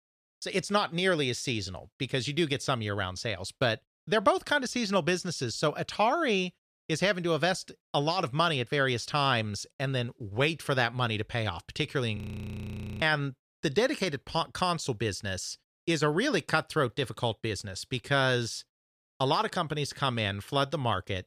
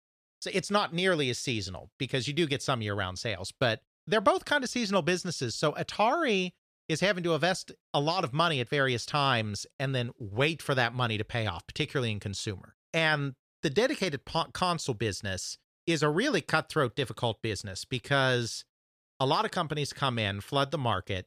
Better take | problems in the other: second | audio freezing; at 12 s for 1 s

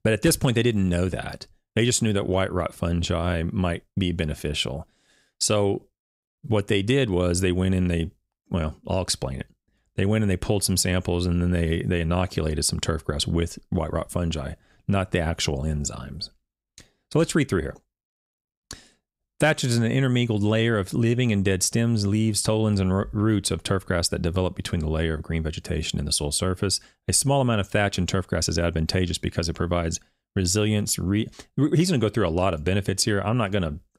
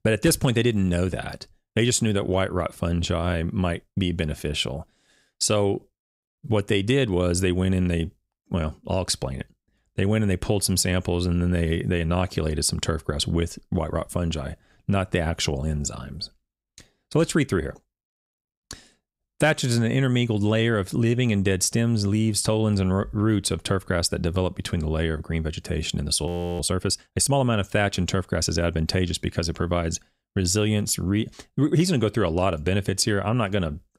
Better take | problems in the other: first | audio freezing; at 26 s

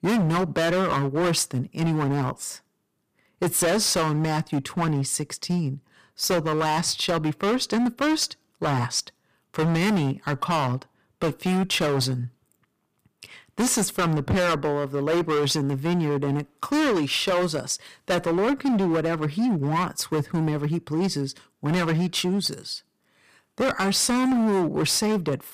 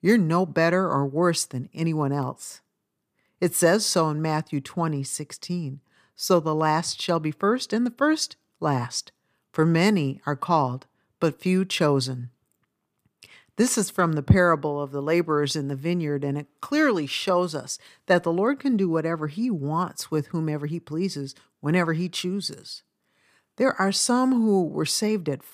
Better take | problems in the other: second | distortion; heavy; 20% of the sound clipped

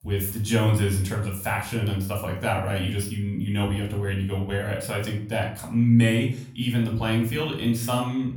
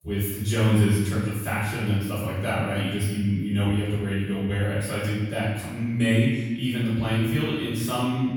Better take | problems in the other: first | room echo; strong; dies away in 1.5 s; slight in the first // off-mic speech; far; far in the first

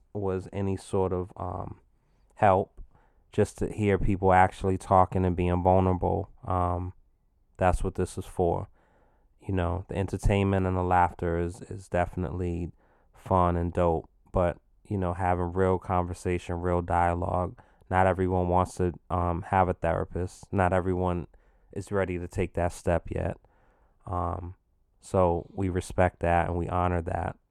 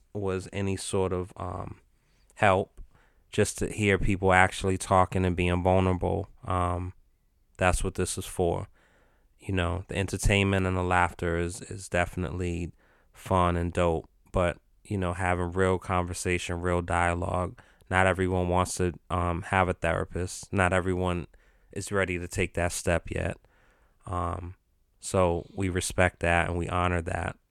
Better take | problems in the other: second | muffled; slightly; fading above 1.5 kHz

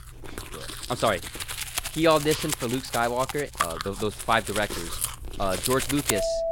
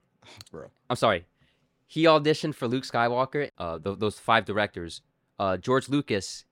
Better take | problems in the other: second | household noises; loud; throughout; 5 dB below the speech

